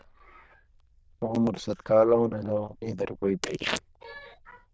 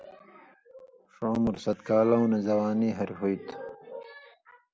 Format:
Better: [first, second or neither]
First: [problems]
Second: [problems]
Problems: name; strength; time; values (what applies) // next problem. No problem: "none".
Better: second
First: noise reduction (neural diffusion model UNIVERSE++)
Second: none